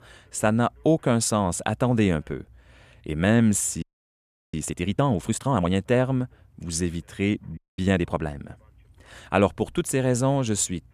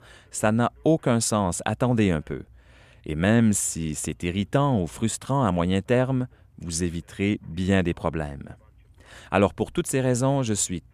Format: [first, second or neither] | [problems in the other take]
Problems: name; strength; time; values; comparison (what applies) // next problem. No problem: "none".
second | audio freezing; at 4 s for 0.5 s and at 7.5 s